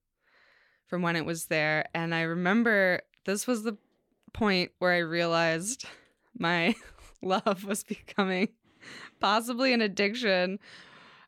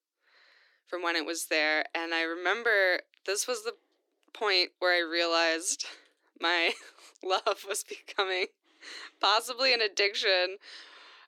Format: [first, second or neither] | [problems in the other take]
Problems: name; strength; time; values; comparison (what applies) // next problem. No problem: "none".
first | thin; very; fading below 300 Hz